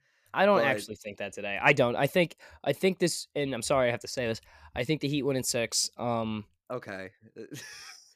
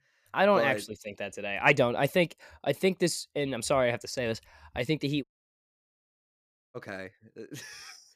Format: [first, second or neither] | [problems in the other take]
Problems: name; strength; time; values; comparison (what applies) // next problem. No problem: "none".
first | audio cutting out; at 5 s for 1.5 s